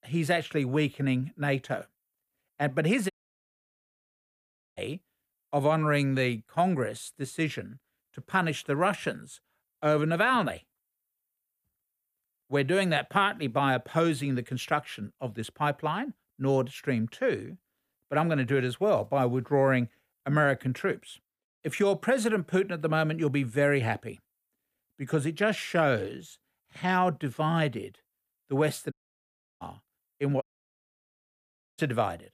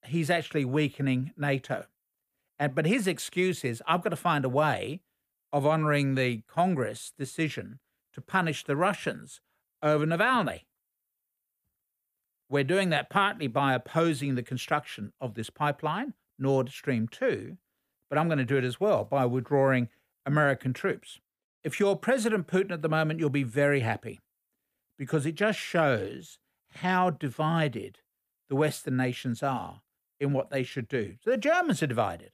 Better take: second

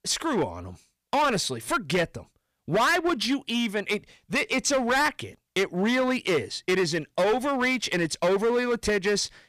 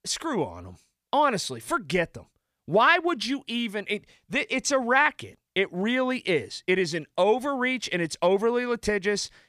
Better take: second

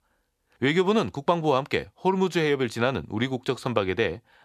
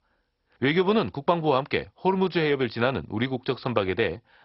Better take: first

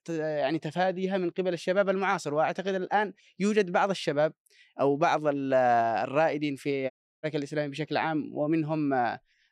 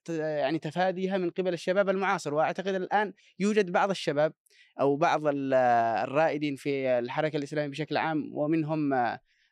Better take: second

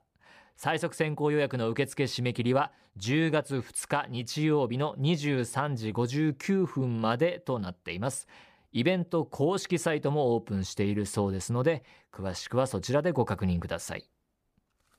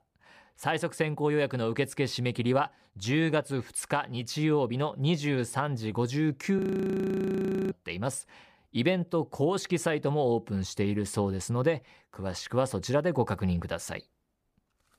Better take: first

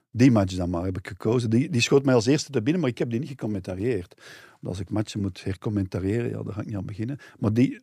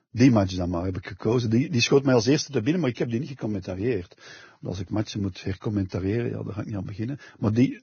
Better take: first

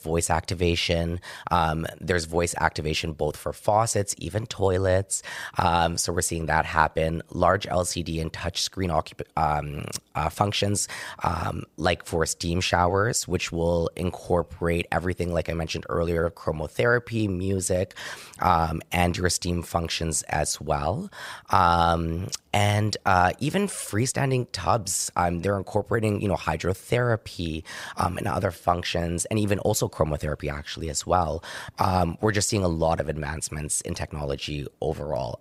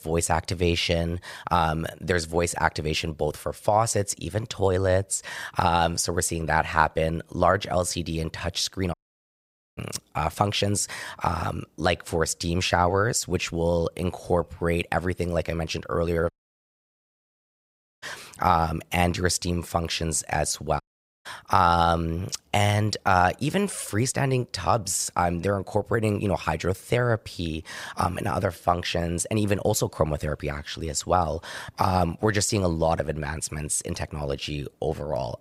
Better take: first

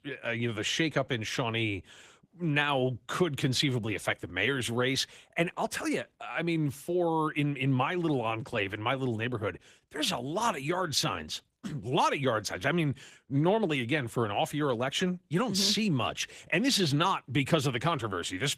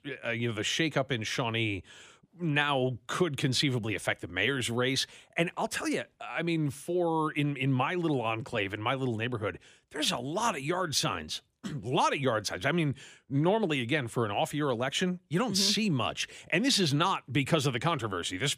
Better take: second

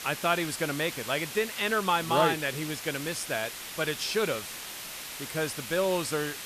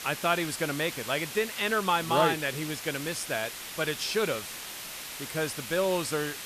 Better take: neither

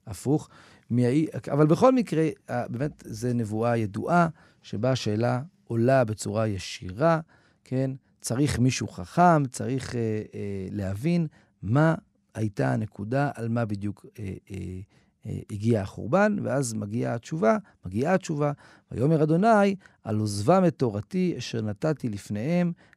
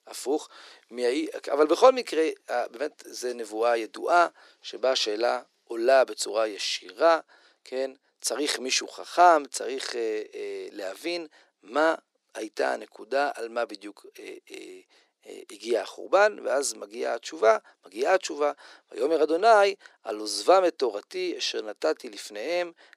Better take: first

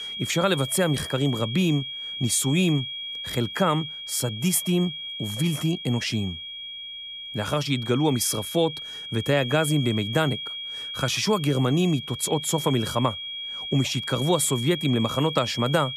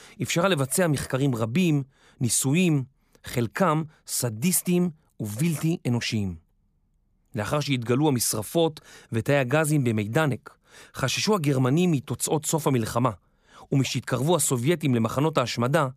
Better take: second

